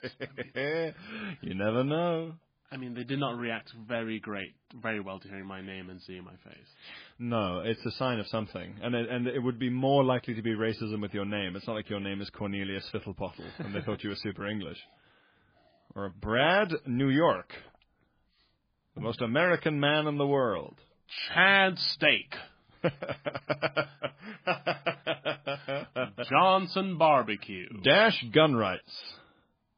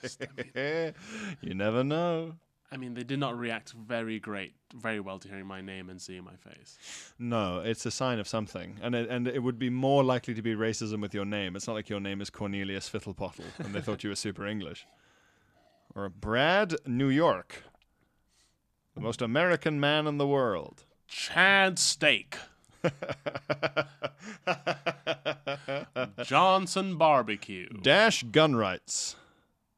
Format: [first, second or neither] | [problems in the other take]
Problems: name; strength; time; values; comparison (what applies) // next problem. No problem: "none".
second | garbled, watery; badly; nothing above 5 kHz